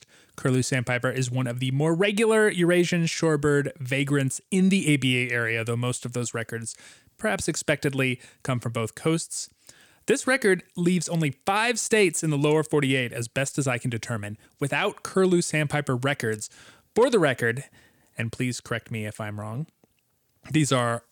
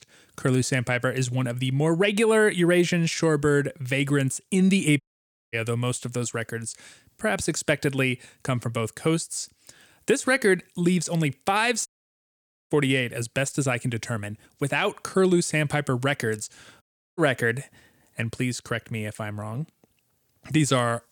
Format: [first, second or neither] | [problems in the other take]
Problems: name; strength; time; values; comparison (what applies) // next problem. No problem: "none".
first | audio cutting out; at 5 s for 0.5 s, at 12 s for 1 s and at 17 s